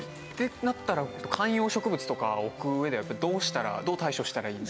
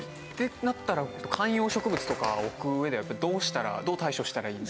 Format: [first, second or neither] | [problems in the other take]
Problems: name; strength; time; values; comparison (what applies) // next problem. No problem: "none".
first | background sound (Bird); 12 dB below the speech